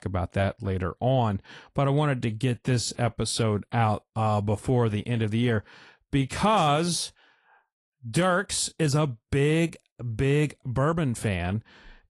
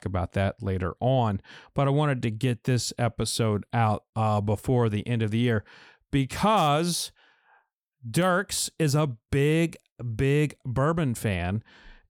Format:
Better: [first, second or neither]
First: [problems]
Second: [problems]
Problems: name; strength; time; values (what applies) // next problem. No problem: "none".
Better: second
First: garbled, watery; slightly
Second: none